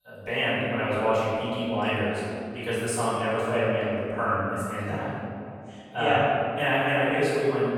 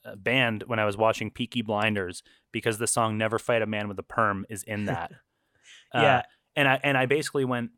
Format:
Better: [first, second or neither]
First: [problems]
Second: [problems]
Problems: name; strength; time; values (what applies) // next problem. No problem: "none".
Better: second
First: off-mic speech; far // room echo; strong; dies away in 2.3 s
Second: none